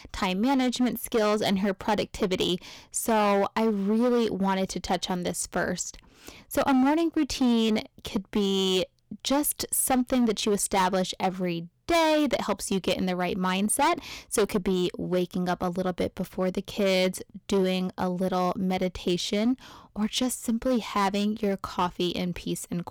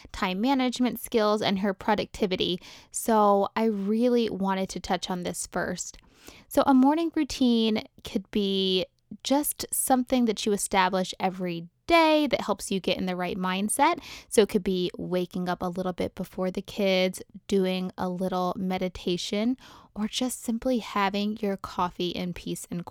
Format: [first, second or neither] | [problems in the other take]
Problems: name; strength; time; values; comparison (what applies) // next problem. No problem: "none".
second | distortion; slight; 8% of the sound clipped